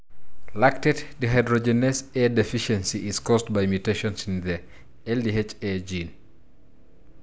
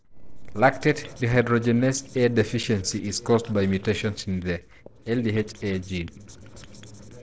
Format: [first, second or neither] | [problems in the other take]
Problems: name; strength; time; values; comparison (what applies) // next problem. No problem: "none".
first | noise reduction (neural separator model SepFormer DNS4)